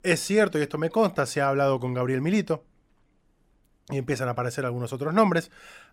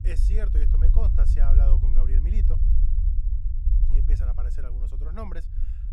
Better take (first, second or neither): first